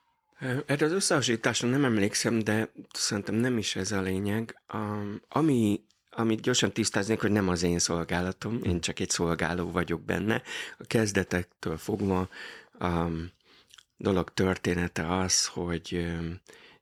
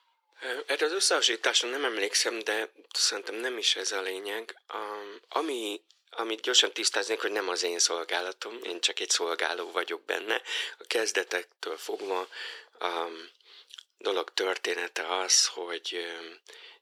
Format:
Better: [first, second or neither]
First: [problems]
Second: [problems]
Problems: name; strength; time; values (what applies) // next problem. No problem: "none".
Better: first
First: none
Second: thin; very; fading below 400 Hz